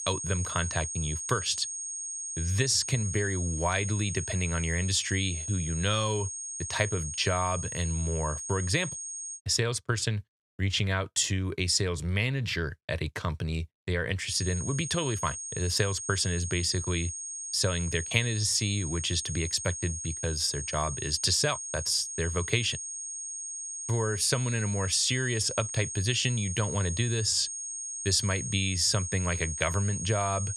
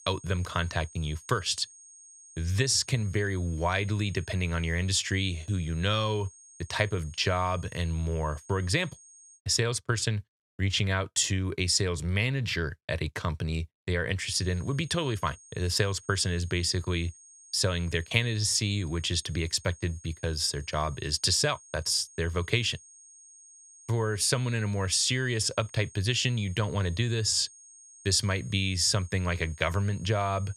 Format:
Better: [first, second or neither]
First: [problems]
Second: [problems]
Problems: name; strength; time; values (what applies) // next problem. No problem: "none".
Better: second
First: high-pitched whine; loud; until 9.5 s and from 14 s on; 6.5 kHz, 6 dB below the speech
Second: high-pitched whine; faint; until 9.5 s and from 14 s on; 6.5 kHz, 20 dB below the speech